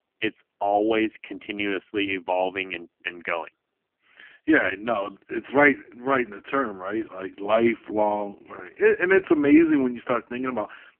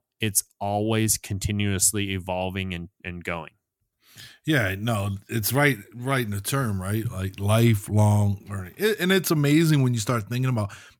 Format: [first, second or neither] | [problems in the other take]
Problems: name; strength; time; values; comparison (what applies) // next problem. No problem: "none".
second | phone-call audio; poor line; nothing above 3 kHz